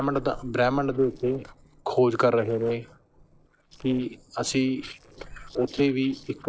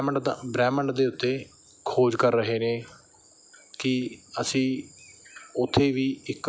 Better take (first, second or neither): second